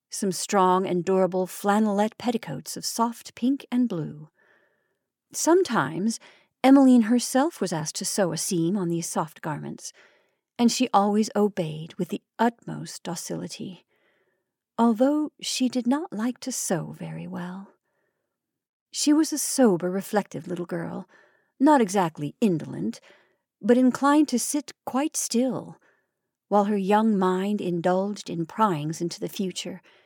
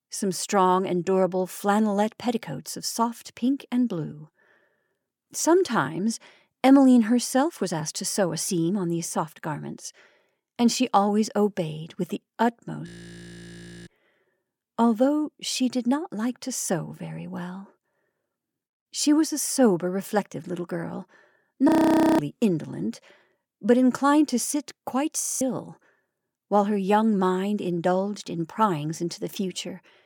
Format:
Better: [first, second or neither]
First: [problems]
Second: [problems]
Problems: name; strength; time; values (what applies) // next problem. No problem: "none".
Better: first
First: none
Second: audio freezing; at 13 s for 1 s, at 22 s for 0.5 s and at 25 s